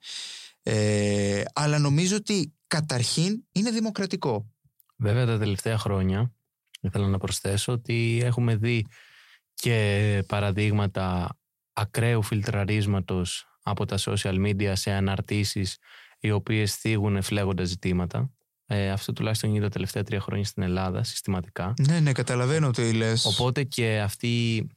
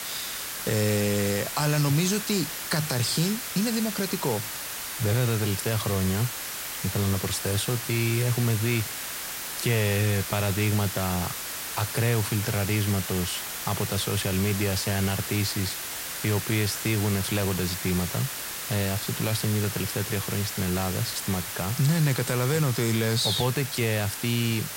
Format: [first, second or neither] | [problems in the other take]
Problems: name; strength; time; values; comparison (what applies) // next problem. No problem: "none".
first | hiss; loud; throughout; 4 dB below the speech